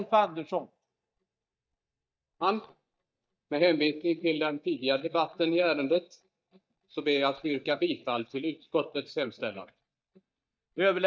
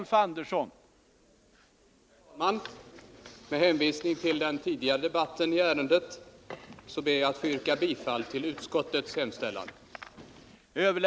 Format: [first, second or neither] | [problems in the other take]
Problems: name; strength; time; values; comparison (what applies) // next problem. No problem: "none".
second | noise reduction (neural mask model DeepFilterNet 3)